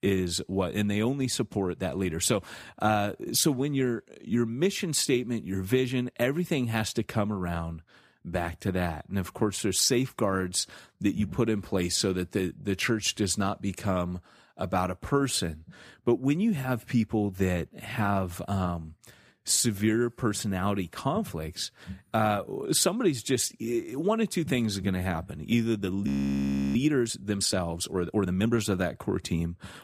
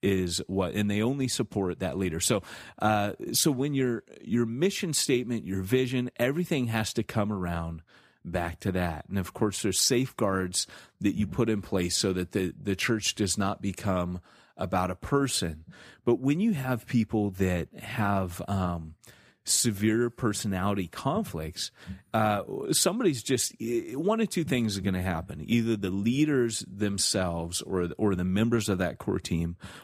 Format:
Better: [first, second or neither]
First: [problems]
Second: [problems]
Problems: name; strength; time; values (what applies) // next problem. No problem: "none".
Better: second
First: audio freezing; at 26 s for 0.5 s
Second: none